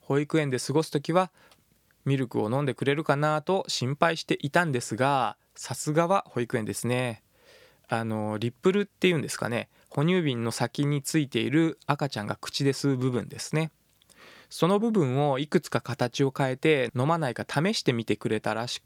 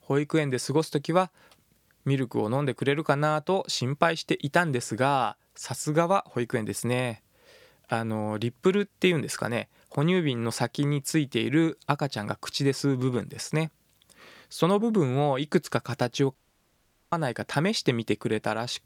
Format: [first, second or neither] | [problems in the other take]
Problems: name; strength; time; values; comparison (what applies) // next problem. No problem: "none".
first | audio cutting out; at 16 s for 1 s